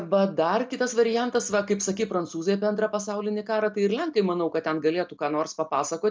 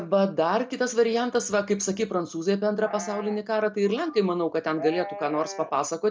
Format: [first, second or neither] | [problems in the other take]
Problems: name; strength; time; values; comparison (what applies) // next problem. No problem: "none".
first | background sound (Livestock, farm animals, working animals); 14 dB below the speech